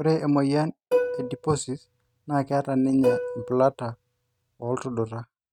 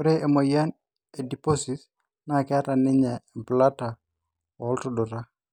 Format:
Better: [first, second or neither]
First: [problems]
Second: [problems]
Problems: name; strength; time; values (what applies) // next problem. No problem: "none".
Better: second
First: noise reduction (neural mask model RNNoise)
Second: none